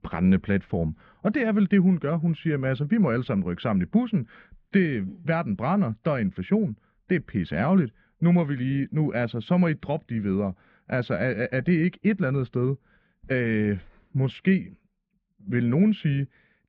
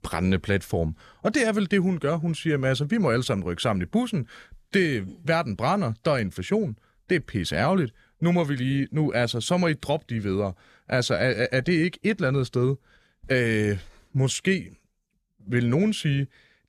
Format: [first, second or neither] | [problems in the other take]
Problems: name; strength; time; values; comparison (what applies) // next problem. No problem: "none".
second | muffled; very; fading above 2.5 kHz